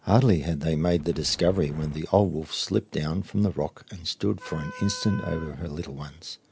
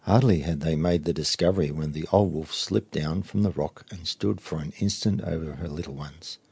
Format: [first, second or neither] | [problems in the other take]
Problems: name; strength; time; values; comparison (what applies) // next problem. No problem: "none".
second | background sound (Wind + Wind instrument, woodwind instrument); 16 dB below the speech